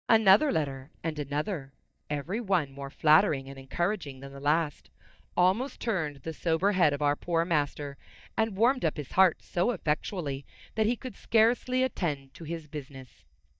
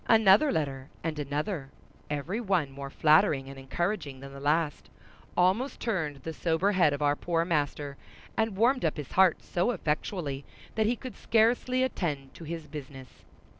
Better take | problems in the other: second | noise reduction (neural mask model DeepFilterNet 3)

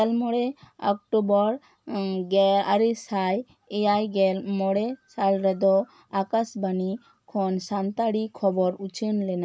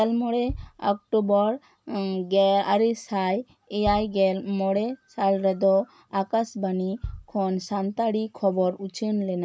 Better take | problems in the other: first | background sound (Bass drum); 18 dB below the speech

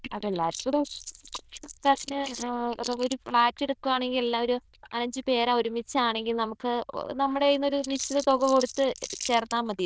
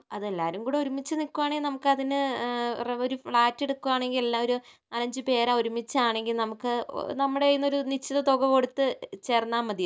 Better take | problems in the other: second | noise reduction (neural diffusion model UNIVERSE++)

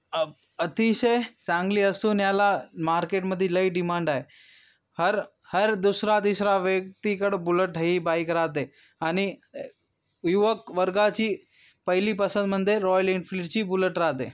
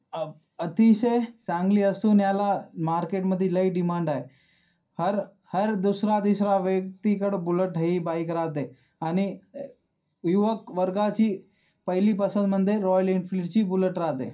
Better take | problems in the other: first | room echo; dies away in 0.3 s

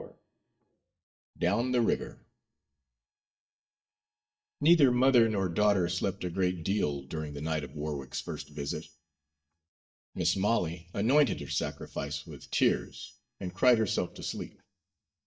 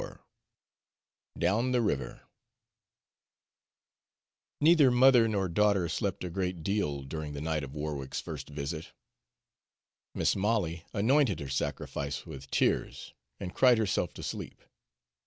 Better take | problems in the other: second | noise reduction (neural mask model DeepFilterNet 3)

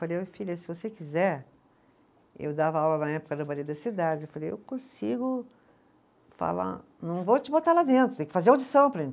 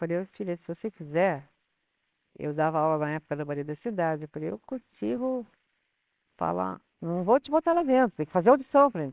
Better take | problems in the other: first | noise reduction (neural separator model SepFormer WHAMR!)

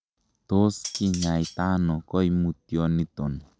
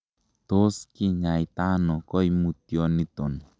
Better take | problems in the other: second | background sound (Cutlery, silverware); 13 dB below the speech

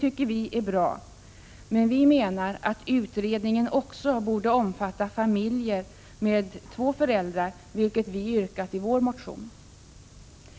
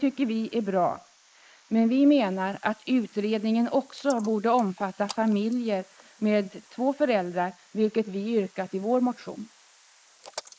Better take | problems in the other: first | noise reduction (neural mask model Resemble Enhance denoiser)

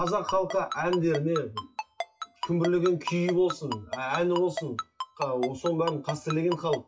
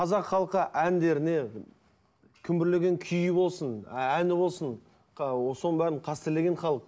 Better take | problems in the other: second | noise reduction (classical method WPE with log-MMSE)

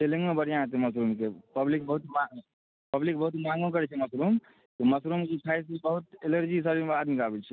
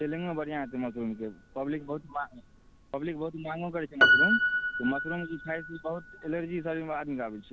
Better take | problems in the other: first | background sound (Piano); 2 dB above the speech

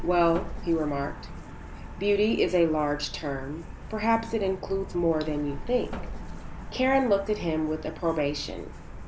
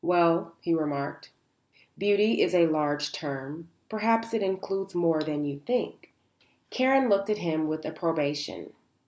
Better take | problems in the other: second | background sound (Truck); 10 dB below the speech

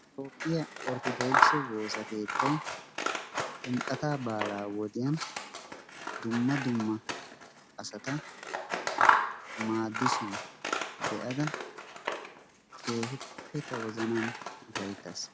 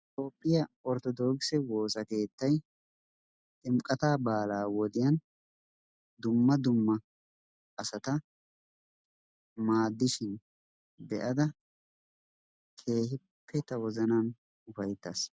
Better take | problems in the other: second | background sound (Scissors); 2 dB above the speech

